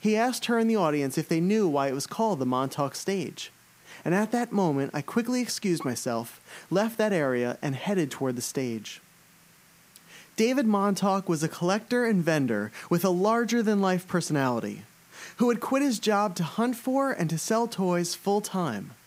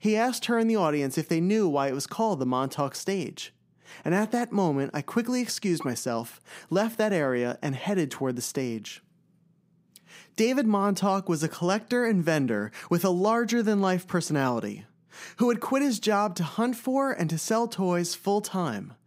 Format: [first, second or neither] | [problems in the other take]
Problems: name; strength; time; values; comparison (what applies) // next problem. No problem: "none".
second | hiss; faint; throughout; 30 dB below the speech